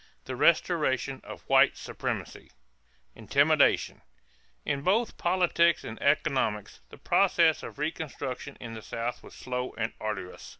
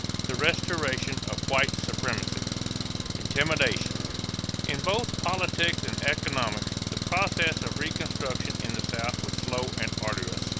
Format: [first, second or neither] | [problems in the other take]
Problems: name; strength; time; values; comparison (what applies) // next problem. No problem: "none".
first | background sound (Engine); as loud as the speech